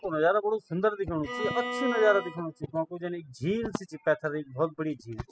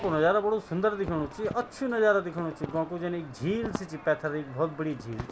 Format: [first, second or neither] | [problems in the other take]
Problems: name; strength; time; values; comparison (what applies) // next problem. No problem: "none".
second | noise reduction (classical method spectral subtraction)